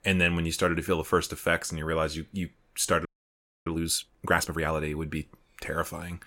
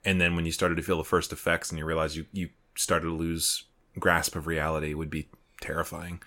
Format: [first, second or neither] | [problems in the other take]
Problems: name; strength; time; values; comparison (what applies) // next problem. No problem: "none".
second | audio freezing; at 3 s for 0.5 s